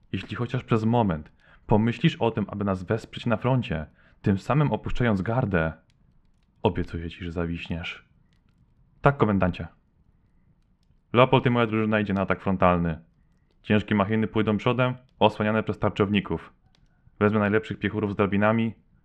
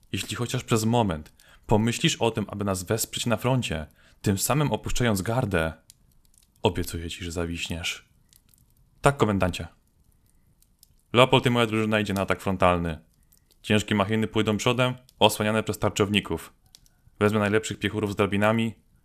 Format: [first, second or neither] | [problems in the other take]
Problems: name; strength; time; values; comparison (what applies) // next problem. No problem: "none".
second | muffled; very; fading above 2 kHz